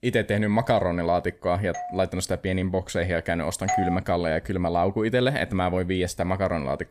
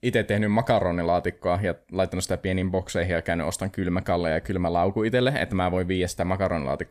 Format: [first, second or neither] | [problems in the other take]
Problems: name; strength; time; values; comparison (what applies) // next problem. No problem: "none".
second | doorbell; faint; at 1.5 s; peak 10 dB below the speech // doorbell; noticeable; at 3.5 s; peak 1 dB below the speech